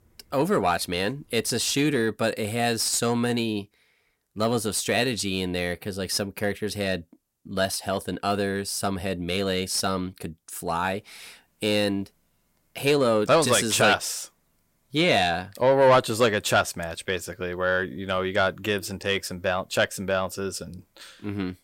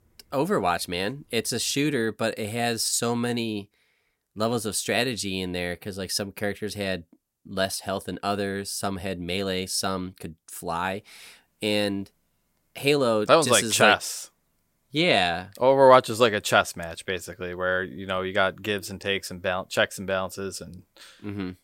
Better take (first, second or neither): second